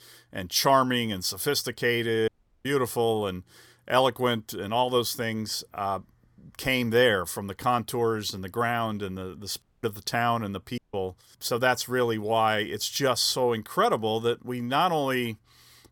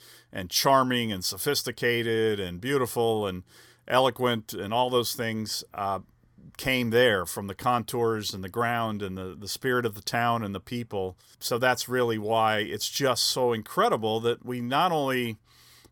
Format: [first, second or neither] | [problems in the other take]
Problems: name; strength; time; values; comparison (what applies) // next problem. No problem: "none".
second | audio cutting out; at 2.5 s, at 9.5 s and at 11 s